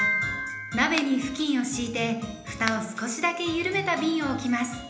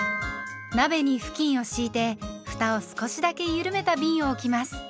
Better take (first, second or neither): second